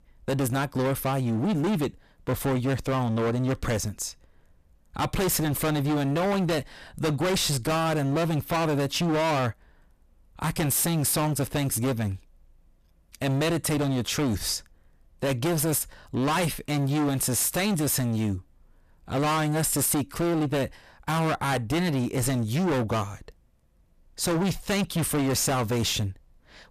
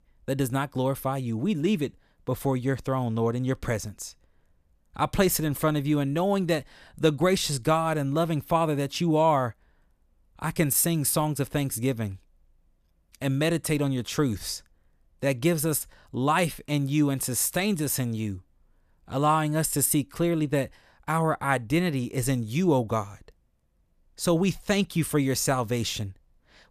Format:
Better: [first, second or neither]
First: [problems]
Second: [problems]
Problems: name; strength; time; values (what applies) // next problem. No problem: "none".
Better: second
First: distortion; heavy; 26% of the sound clipped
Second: none